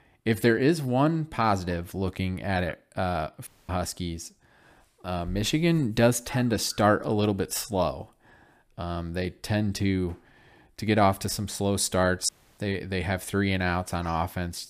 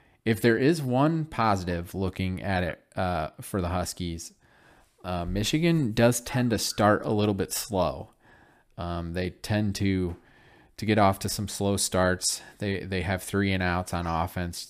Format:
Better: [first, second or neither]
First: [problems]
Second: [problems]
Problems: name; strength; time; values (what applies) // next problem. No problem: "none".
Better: second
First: audio cutting out; at 3.5 s and at 12 s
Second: none